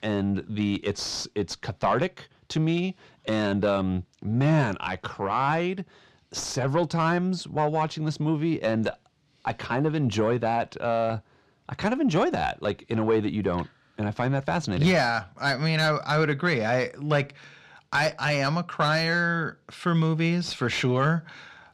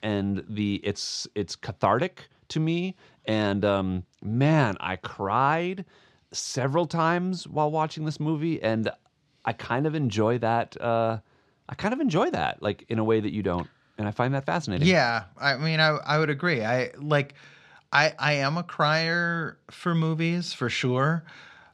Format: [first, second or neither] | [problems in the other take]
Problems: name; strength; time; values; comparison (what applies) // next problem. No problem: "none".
second | distortion; slight; 10 dB below the speech